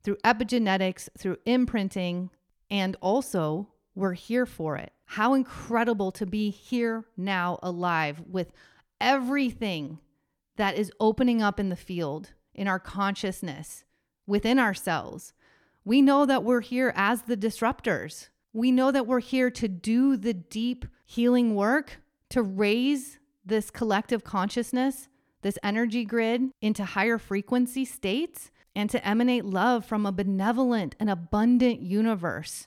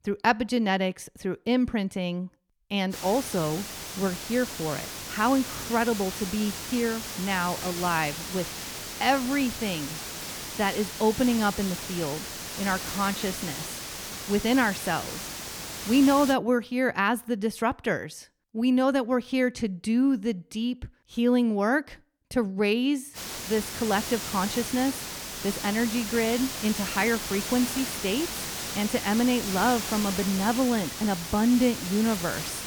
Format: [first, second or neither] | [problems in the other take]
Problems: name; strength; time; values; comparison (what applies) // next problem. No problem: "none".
first | hiss; loud; from 3 to 16 s and from 23 s on; 6 dB below the speech